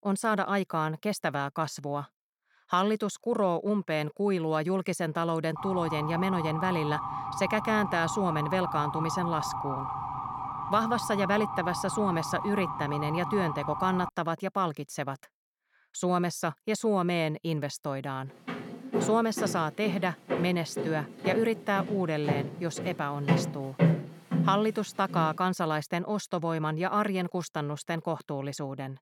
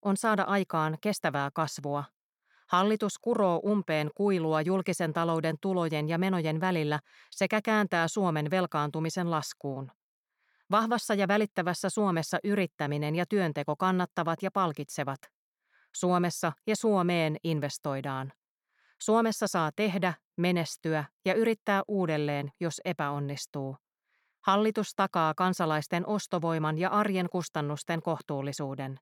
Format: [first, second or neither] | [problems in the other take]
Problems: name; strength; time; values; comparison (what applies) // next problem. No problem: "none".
second | siren; noticeable; from 5.5 to 14 s; peak 3 dB below the speech // footsteps; loud; from 18 to 25 s; peak 4 dB above the speech